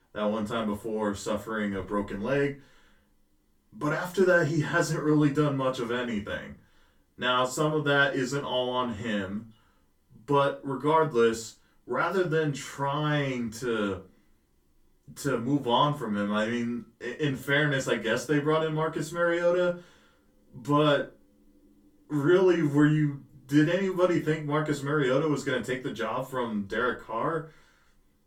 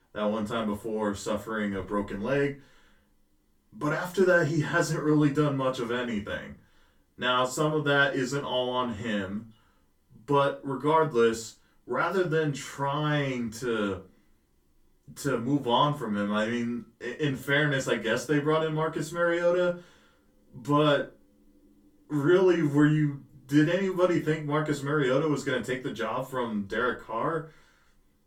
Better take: neither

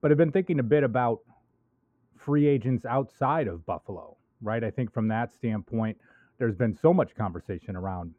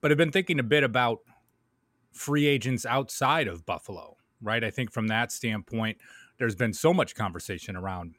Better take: second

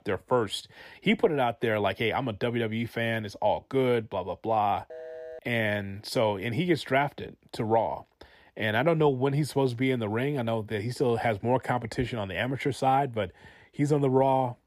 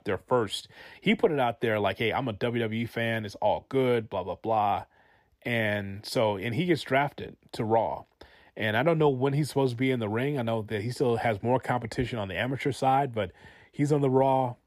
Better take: second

